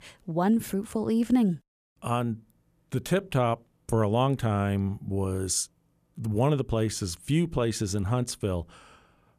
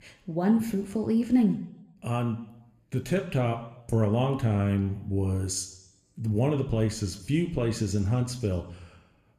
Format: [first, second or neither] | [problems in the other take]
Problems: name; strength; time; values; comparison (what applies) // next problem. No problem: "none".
first | room echo; very slight; dies away in 0.7 s